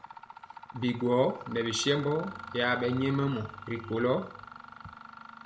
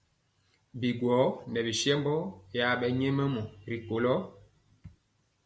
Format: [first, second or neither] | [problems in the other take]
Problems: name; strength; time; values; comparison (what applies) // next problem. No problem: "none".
second | background sound (Mechanisms); 14 dB below the speech